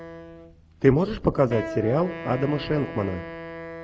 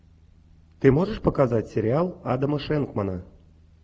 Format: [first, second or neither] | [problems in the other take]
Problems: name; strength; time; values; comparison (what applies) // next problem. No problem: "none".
second | background sound (Wind instrument, woodwind instrument); 12 dB below the speech